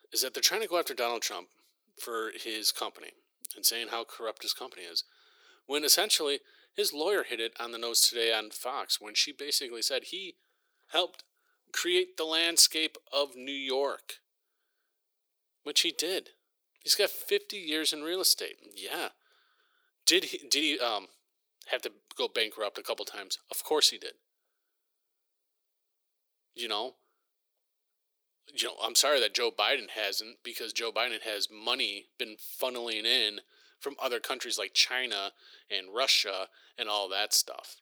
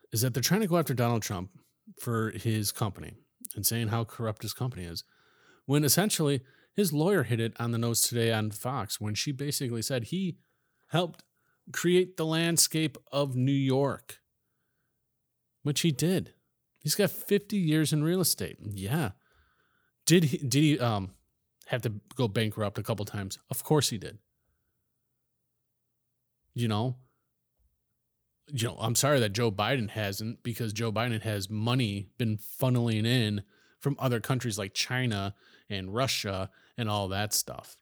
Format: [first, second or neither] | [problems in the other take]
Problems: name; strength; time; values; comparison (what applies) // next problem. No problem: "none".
second | thin; very; fading below 350 Hz